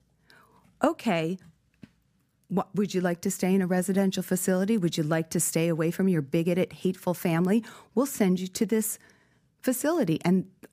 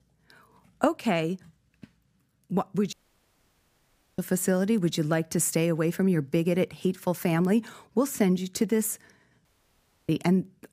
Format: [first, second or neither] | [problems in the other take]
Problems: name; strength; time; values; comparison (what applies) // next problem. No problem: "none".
first | audio cutting out; at 3 s for 1 s and at 9.5 s for 0.5 s